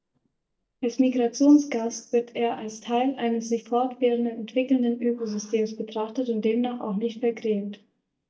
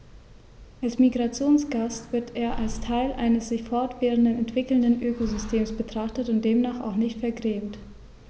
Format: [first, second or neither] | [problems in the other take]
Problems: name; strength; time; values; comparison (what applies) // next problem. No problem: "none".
second | noise reduction (neural mask model DeepFilterNet 3)